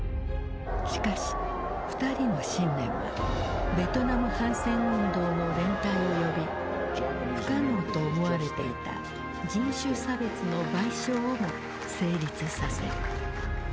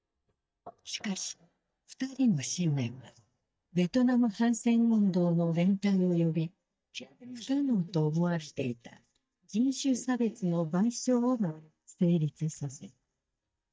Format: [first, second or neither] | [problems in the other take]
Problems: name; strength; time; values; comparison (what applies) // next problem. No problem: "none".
first | noise reduction (neural mask model DeepFilterNet 3)